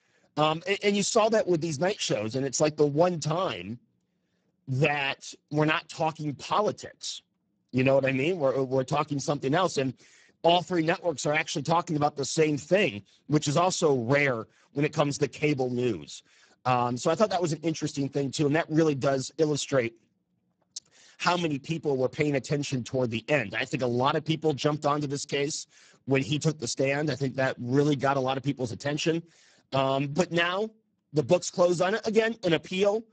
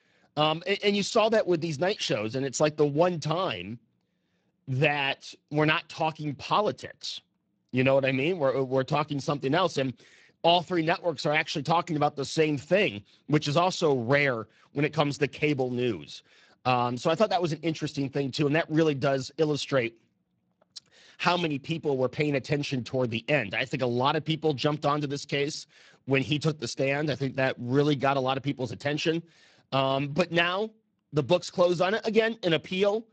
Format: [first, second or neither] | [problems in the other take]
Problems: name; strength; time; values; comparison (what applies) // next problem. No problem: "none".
second | garbled, watery; badly; nothing above 8 kHz; slightly in the second